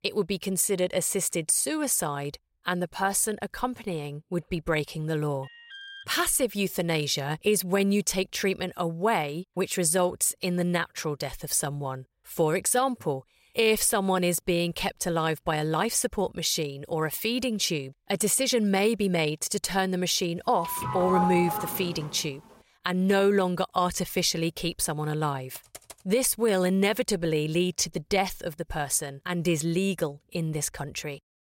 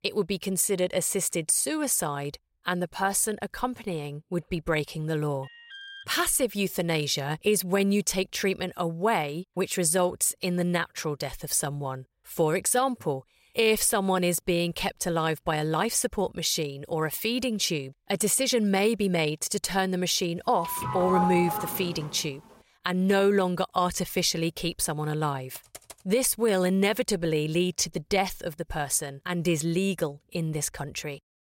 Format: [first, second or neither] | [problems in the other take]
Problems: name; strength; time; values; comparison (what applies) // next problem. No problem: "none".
neither | alarm; faint; at 5.5 s; peak 15 dB below the speech; the same in both // doorbell; loud; from 21 to 22 s; peak level with the speech; the same in both // keyboard typing; faint; at 26 s; peak 20 dB below the speech; the same in both